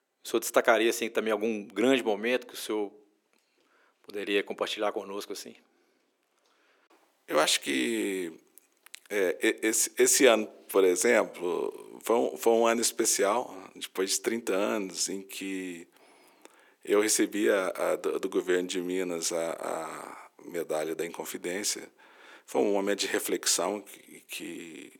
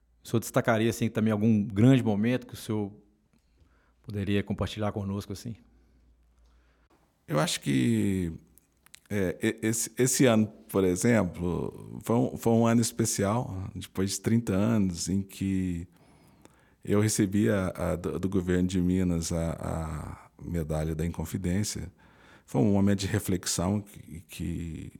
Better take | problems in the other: second | thin; somewhat; fading below 350 Hz

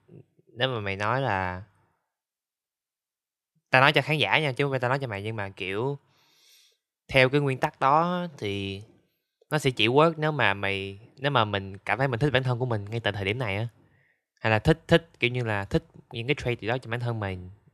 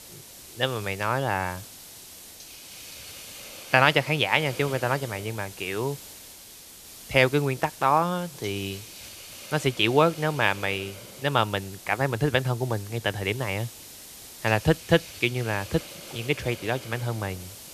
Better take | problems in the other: first | hiss; noticeable; throughout; 15 dB below the speech

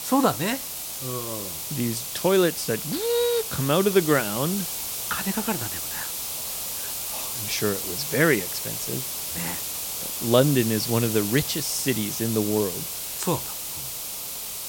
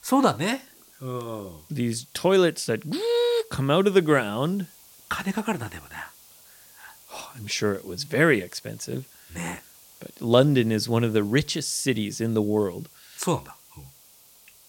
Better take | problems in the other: second | hiss; loud; throughout; 3 dB below the speech; faint in the second

